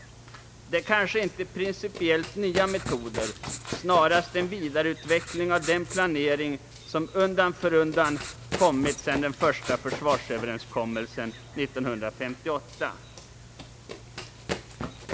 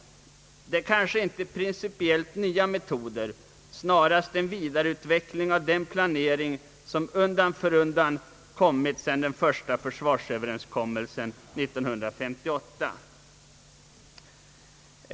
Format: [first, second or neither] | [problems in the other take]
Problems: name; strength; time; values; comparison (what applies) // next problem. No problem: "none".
second | background sound (Run + Writing); 11 dB below the speech